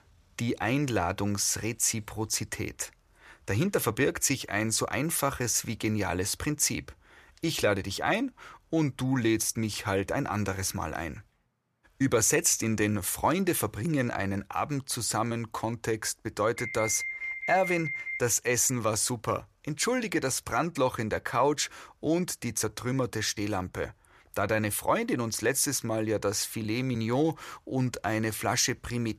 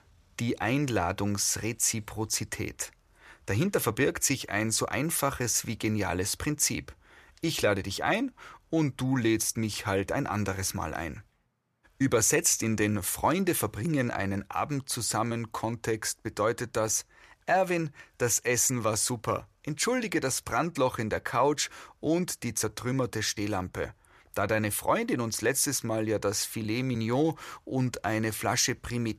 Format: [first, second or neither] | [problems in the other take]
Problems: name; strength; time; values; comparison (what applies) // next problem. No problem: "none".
second | alarm; noticeable; from 17 to 18 s; peak 4 dB below the speech